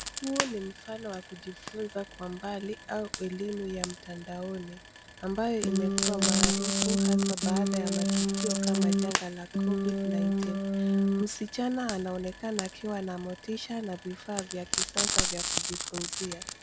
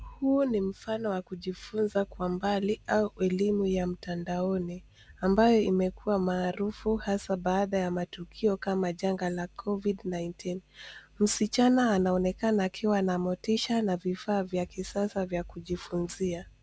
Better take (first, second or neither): second